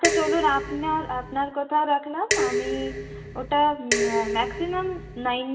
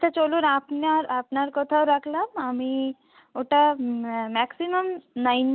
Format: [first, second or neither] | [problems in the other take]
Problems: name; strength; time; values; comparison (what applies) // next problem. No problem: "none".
second | background sound (Dishes, pots, and pans); 2 dB below the speech // room echo; dies away in 0.9 s